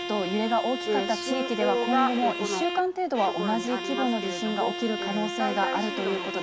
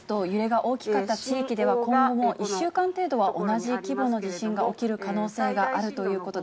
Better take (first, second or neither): second